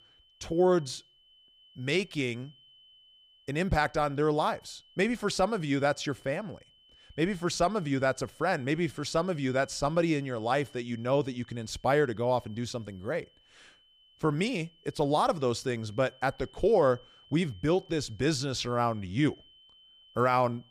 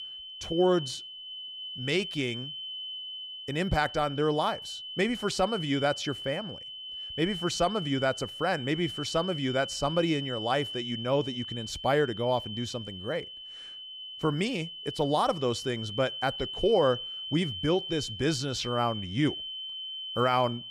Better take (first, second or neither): first